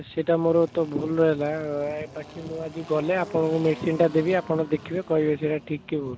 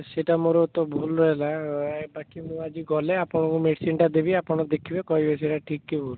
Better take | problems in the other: second | background sound (Engine); 19 dB below the speech

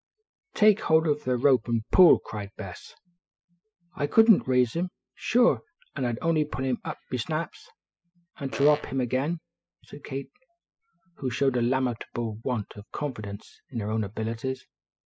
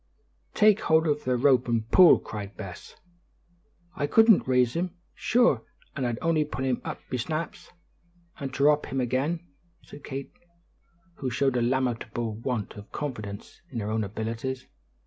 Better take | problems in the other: second | noise reduction (classical method spectral subtraction)

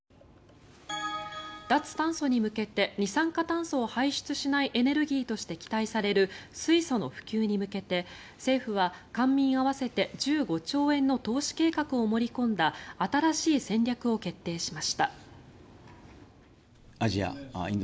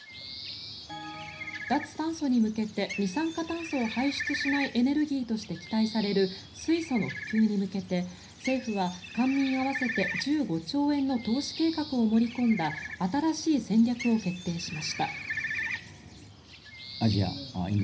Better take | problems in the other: first | background sound (Bird); 11 dB below the speech // room echo; dies away in 0.5 s

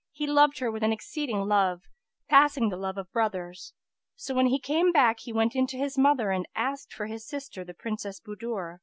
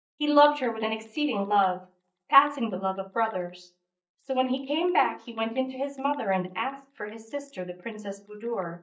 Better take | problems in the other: first | noise reduction (neural mask model DeepFilterNet 3)

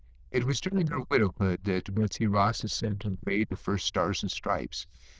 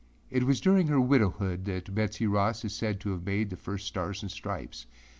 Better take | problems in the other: second | noise reduction (neural diffusion model UNIVERSE++)

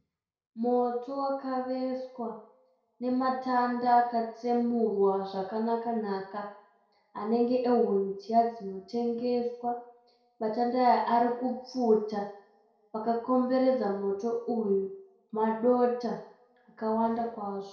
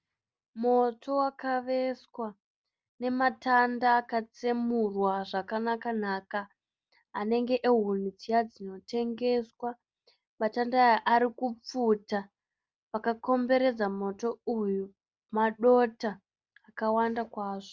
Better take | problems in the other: second | room echo; dies away in 0.6 s

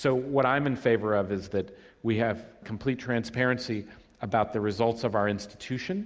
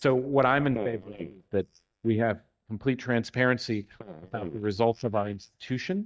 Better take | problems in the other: first | noise reduction (neural mask model DeepFilterNet 3)

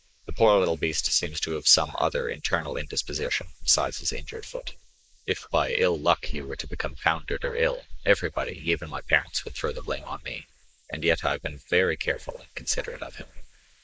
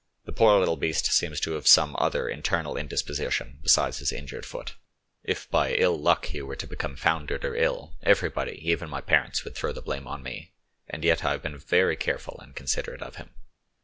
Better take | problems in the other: second | noise reduction (neural mask model Resemble Enhance denoiser)

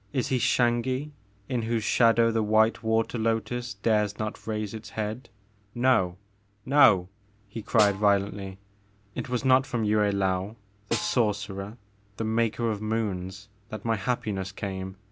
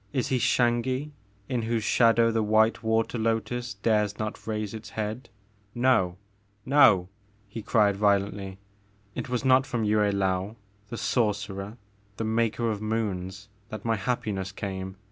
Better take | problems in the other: second | background sound (Snare drum); 12 dB below the speech

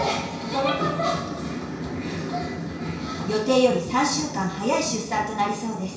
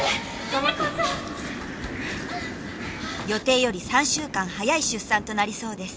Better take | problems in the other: second | room echo; dies away in 0.6 s

